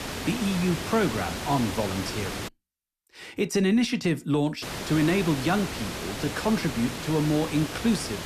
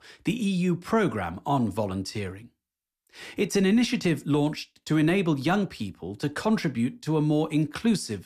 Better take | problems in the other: second | hiss; loud; until 2.5 s and from 4.5 s on; 7 dB below the speech

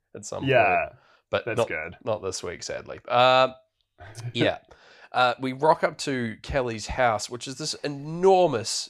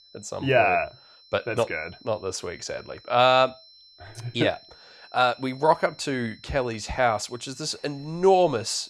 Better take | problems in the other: first | high-pitched whine; faint; throughout; 4 kHz, 25 dB below the speech

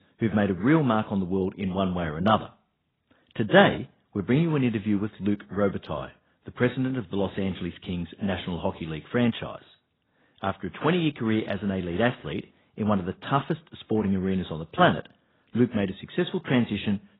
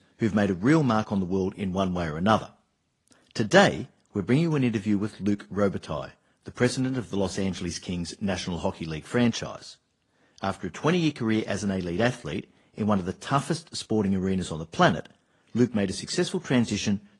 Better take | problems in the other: second | garbled, watery; badly; nothing above 4 kHz; slightly in the second

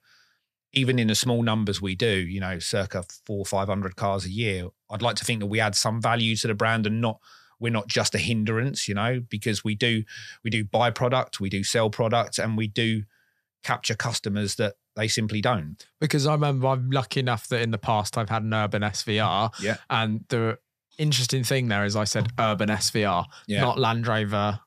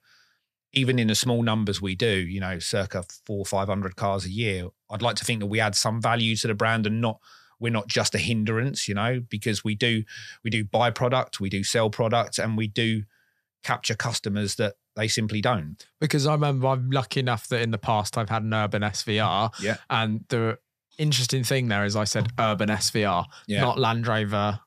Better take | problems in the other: neither | none

